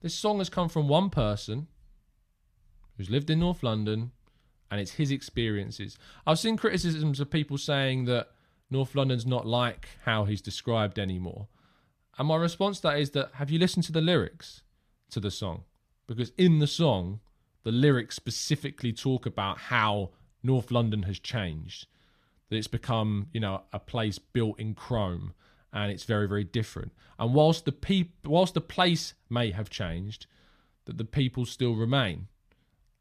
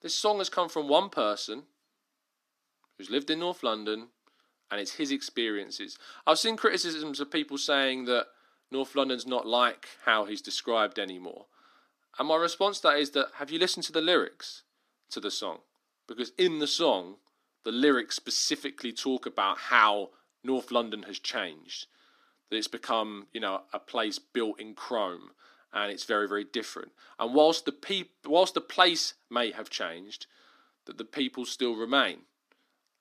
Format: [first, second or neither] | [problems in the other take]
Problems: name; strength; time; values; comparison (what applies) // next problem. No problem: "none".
first | thin; somewhat; fading below 250 Hz